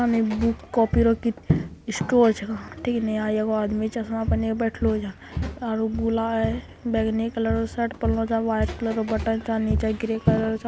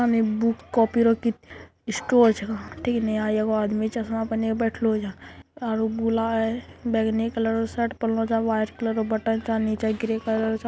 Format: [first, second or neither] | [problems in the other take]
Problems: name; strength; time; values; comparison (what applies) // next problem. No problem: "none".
second | background sound (Walk, footsteps); 6 dB below the speech